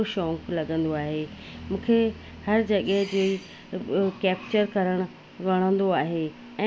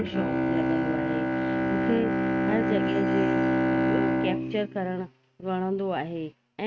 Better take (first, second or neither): first